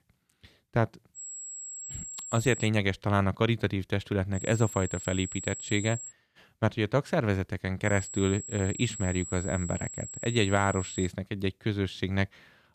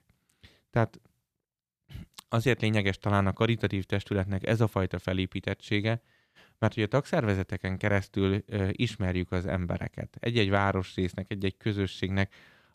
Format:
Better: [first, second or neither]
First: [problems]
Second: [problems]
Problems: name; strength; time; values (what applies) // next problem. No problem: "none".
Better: second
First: high-pitched whine; loud; from 1 to 2.5 s, from 4.5 to 6 s and from 8 to 11 s; 7.5 kHz, 9 dB below the speech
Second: none